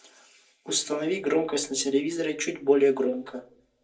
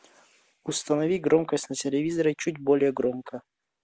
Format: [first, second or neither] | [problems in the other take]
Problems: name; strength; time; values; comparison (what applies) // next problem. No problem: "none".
second | room echo; dies away in 0.2 s